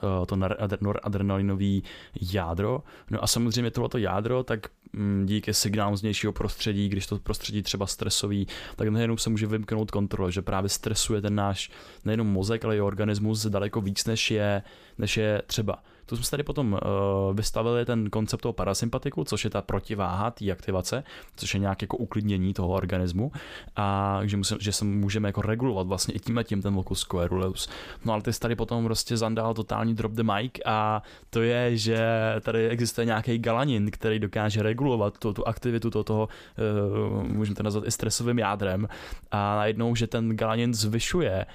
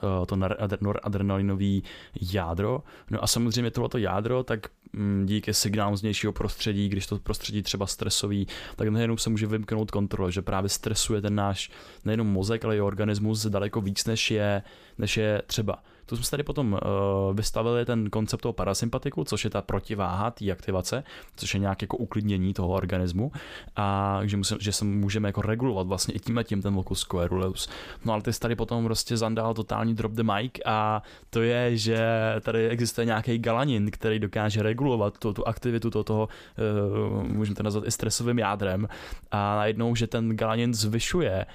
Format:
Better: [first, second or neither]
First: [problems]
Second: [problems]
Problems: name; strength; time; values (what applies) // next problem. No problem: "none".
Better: neither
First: none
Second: none